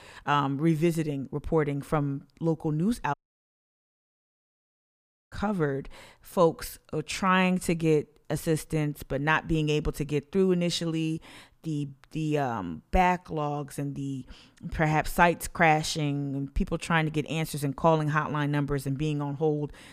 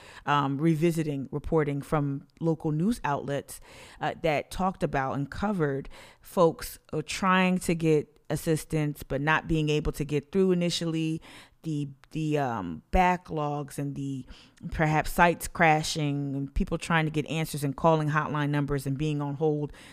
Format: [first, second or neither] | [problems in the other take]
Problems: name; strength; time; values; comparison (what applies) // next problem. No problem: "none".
second | audio cutting out; at 3 s for 2 s